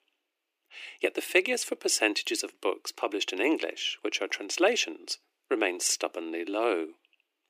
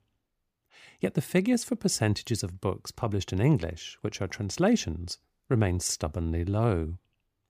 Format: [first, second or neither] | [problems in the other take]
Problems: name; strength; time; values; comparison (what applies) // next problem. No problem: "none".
second | thin; very; fading below 300 Hz